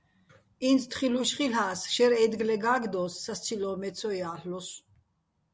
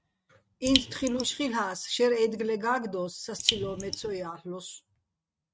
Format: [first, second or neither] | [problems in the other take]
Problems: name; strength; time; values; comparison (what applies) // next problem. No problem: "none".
first | noise reduction (neural mask model RNNoise)